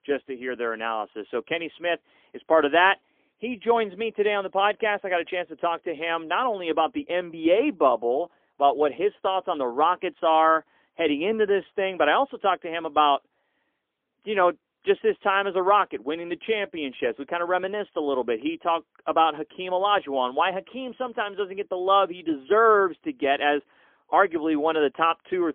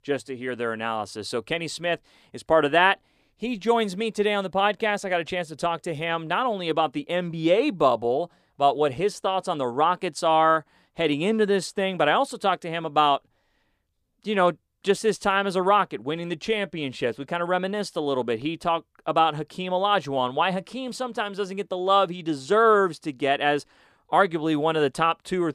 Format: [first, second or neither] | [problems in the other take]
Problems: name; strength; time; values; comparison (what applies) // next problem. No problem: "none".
second | phone-call audio; poor line; nothing above 3.5 kHz